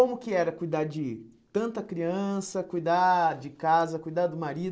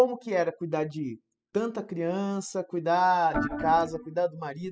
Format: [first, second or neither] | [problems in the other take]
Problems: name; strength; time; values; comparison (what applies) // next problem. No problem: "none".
first | noise reduction (classical method spectral subtraction)